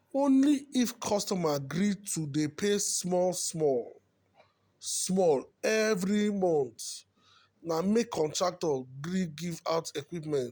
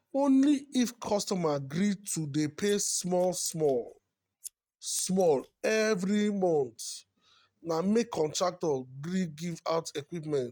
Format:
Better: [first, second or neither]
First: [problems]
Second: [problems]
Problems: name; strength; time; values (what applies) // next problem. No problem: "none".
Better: first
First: none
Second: noise reduction (neural mask model RNNoise)